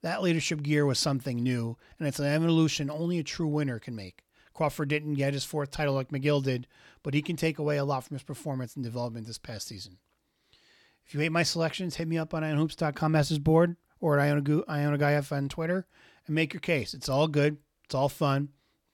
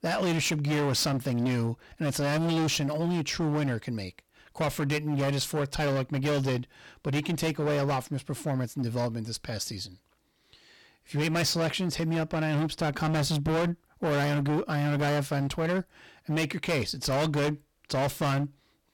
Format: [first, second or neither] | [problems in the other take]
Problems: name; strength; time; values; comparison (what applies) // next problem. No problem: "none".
first | distortion; heavy; 22% of the sound clipped